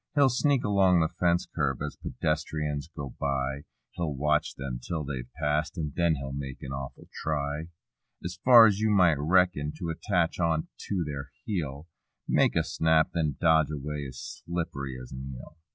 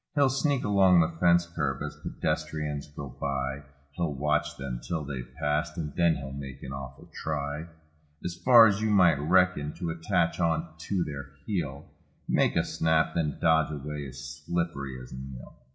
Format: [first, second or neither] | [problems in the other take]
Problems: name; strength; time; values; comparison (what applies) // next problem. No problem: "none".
first | room echo; dies away in 0.6 s